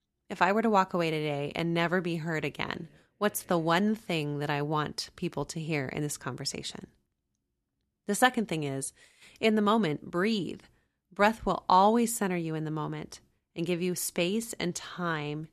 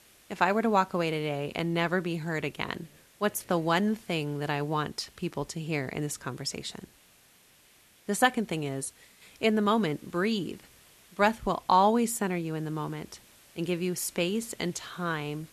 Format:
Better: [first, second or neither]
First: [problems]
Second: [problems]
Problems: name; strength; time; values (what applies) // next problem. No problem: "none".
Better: first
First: none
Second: hiss; faint; throughout; 25 dB below the speech